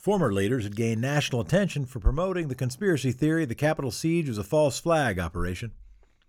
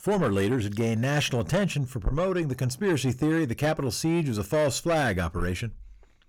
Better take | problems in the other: first | distortion; slight; 10 dB below the speech

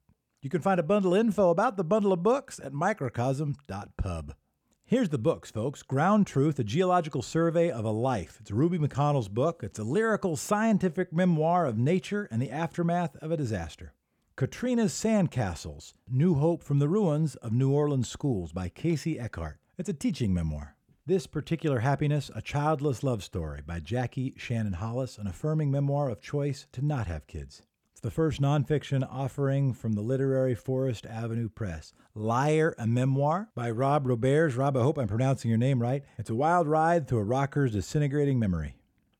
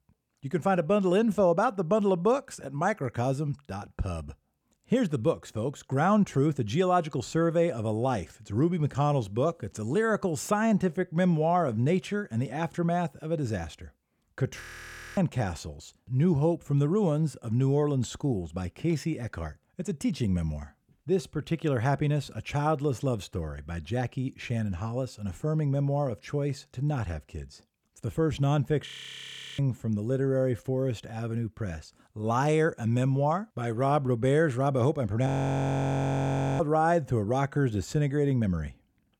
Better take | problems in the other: first | audio freezing; at 15 s for 0.5 s, at 29 s for 0.5 s and at 35 s for 1.5 s

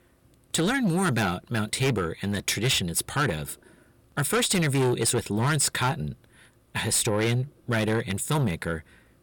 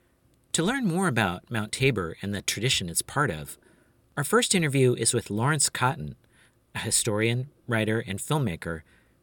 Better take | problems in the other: second | distortion; heavy; 8 dB below the speech

